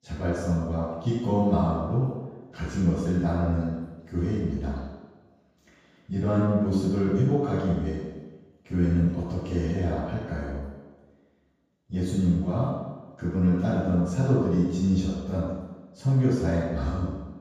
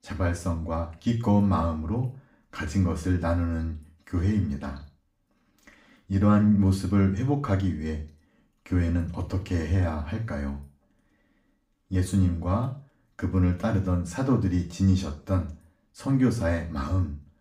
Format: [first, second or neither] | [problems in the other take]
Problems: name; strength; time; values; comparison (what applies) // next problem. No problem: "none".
second | room echo; strong; dies away in 1.2 s; slight in the second // off-mic speech; far; far in the second